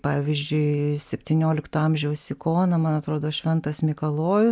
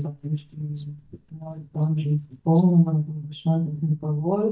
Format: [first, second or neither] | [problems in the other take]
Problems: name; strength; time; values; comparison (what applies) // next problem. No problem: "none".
first | noise reduction (neural mask model DeepFilterNet 3)